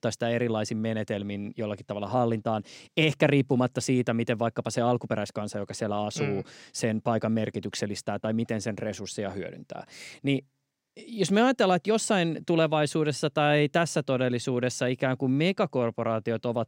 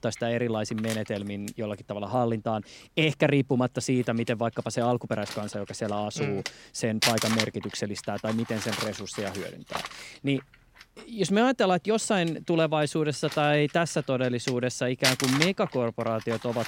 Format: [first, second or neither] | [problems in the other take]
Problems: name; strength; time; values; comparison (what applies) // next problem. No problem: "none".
first | household noises; loud; throughout; 4 dB below the speech